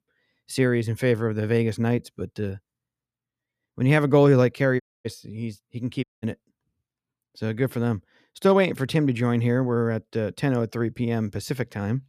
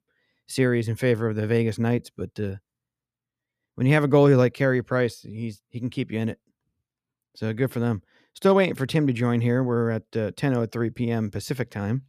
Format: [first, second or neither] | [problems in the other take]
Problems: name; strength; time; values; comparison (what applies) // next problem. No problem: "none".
second | audio cutting out; at 5 s and at 6 s